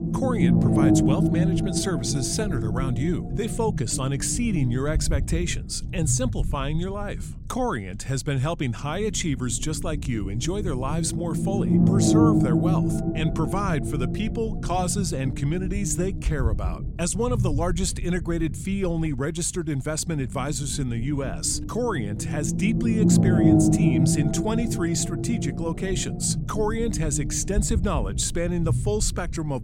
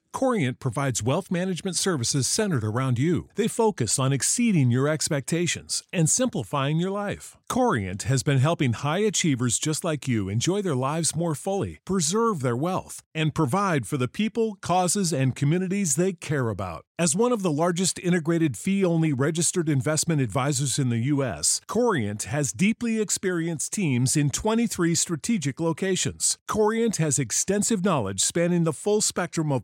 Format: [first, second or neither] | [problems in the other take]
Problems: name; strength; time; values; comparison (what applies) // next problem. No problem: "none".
second | low rumble; loud; throughout; 2 dB below the speech